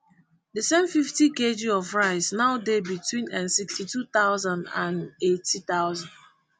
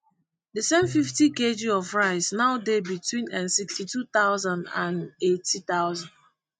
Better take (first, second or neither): first